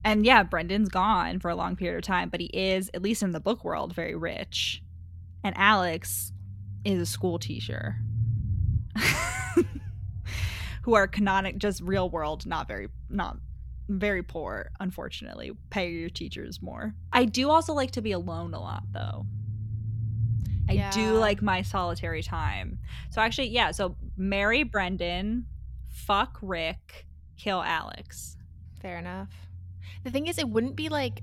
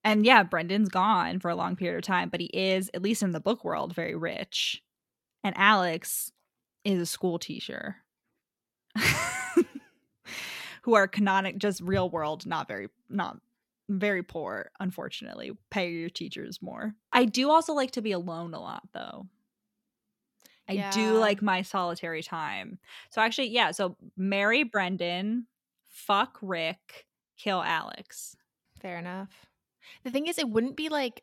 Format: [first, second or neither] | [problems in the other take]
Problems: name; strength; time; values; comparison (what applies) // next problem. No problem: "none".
second | low rumble; faint; throughout; 25 dB below the speech